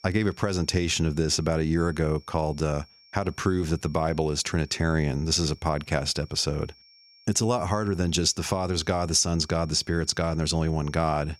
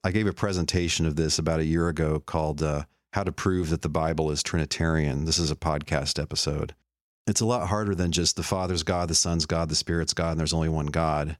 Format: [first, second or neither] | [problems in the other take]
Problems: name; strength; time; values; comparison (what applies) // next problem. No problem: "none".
second | high-pitched whine; faint; throughout; 5.5 kHz, 25 dB below the speech